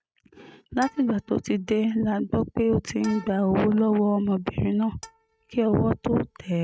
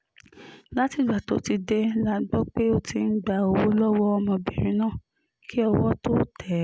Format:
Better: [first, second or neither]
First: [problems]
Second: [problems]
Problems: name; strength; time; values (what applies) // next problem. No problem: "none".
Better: second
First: noise reduction (neural mask model RNNoise)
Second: none